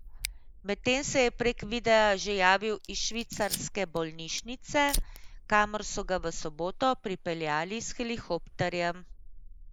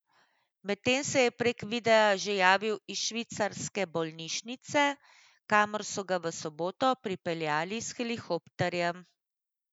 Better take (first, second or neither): second